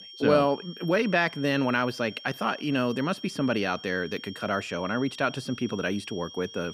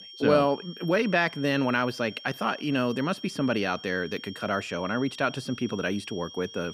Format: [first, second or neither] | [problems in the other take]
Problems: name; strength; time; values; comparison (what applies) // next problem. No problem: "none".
neither | high-pitched whine; noticeable; throughout; 3 kHz, 15 dB below the speech; the same in both